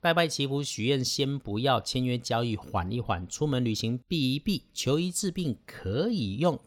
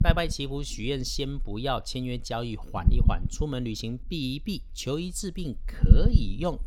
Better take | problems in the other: first | low rumble; loud; throughout; 7 dB below the speech

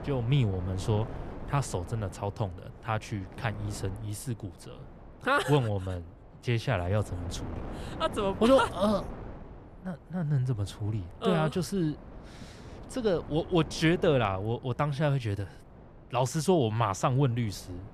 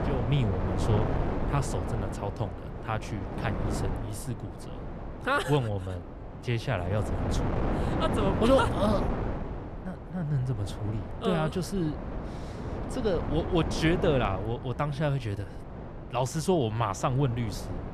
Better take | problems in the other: first | wind noise on the microphone; heavy; 7 dB below the speech; occasional gusts in the first

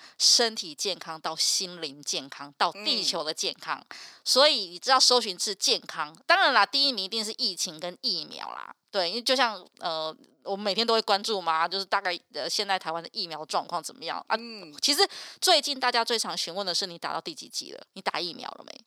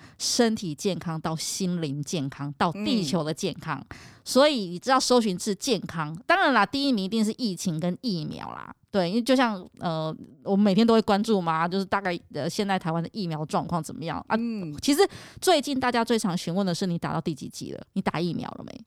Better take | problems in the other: second | thin; somewhat; fading below 550 Hz

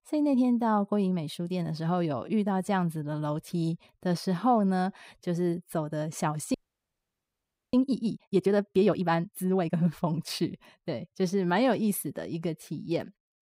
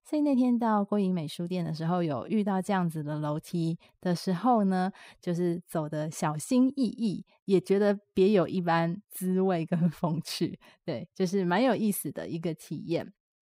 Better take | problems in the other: second | audio freezing; at 6.5 s for 1 s

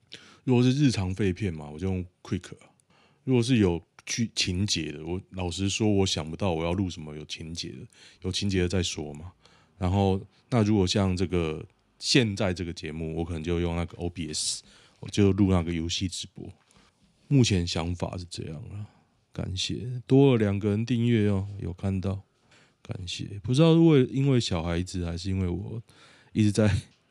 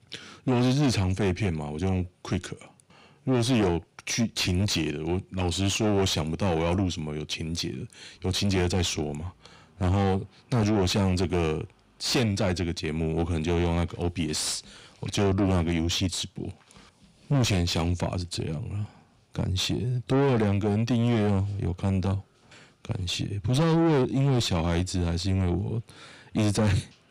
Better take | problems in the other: first | distortion; heavy; 6 dB below the speech

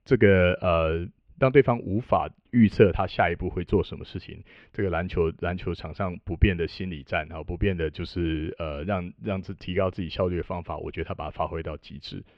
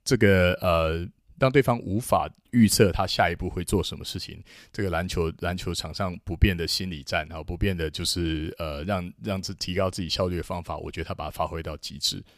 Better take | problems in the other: second | muffled; very; fading above 2.5 kHz

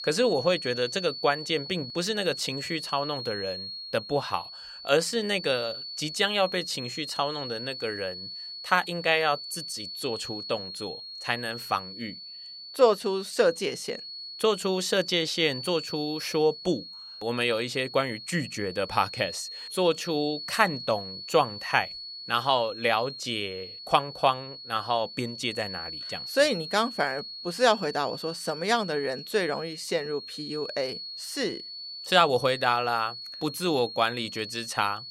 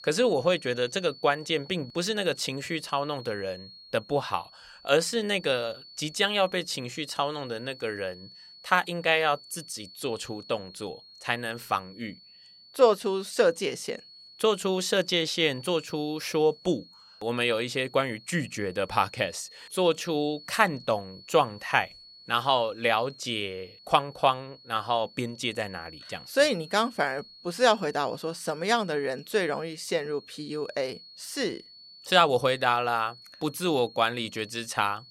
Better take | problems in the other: second | high-pitched whine; loud; throughout; 4.5 kHz, 9 dB below the speech; faint in the second

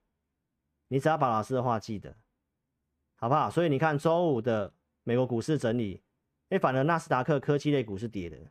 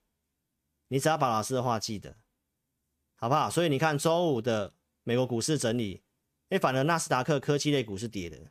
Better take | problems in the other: second | muffled; slightly; fading above 3 kHz

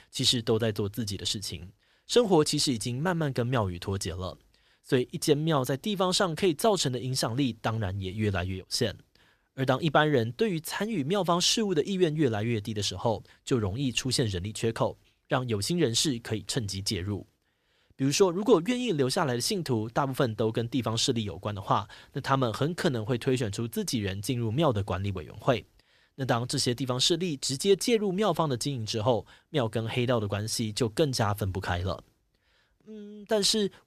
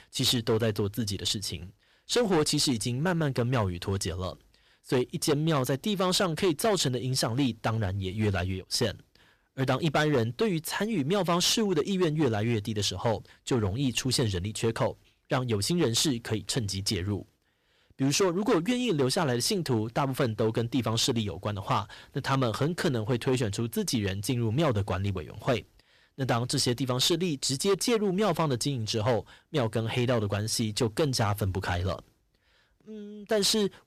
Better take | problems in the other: first | distortion; slight; 6% of the sound clipped

